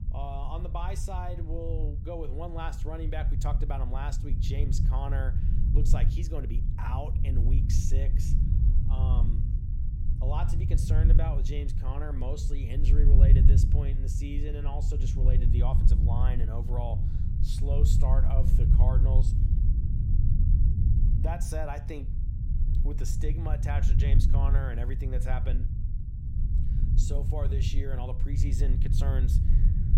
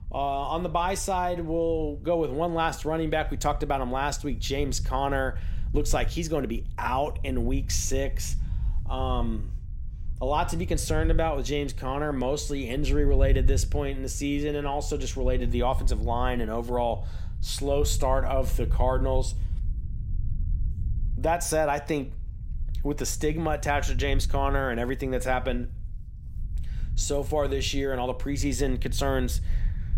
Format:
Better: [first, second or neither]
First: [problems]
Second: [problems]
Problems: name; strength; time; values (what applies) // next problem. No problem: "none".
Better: second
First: low rumble; loud; throughout; 4 dB below the speech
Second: low rumble; faint; throughout; 25 dB below the speech